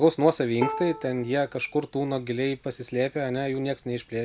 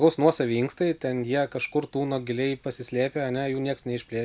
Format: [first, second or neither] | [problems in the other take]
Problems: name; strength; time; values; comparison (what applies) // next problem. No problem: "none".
second | background sound (Bowed string instrument); 12 dB below the speech